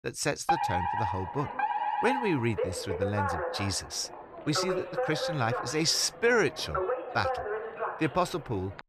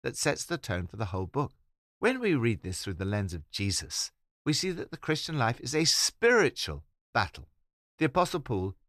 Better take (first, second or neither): second